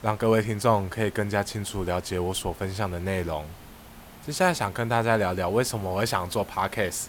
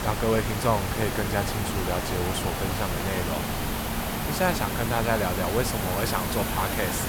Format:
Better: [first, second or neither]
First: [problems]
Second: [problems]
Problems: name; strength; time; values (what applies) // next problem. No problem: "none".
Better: first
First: hiss; faint; throughout; 20 dB below the speech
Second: hiss; loud; throughout; as loud as the speech